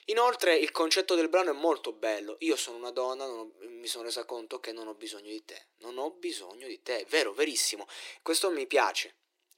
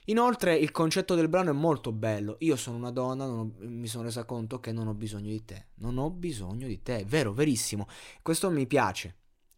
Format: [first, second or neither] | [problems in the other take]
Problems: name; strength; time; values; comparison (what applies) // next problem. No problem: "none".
second | thin; very; fading below 350 Hz